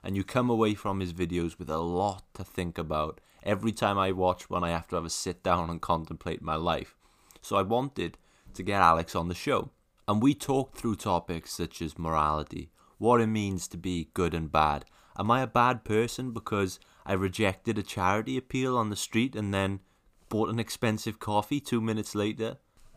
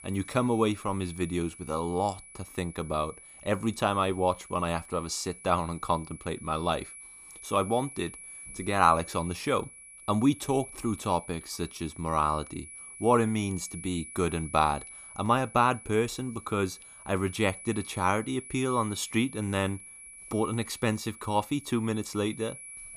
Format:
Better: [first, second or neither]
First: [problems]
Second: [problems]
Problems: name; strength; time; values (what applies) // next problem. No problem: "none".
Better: first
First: none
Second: high-pitched whine; noticeable; throughout; 10 kHz, 15 dB below the speech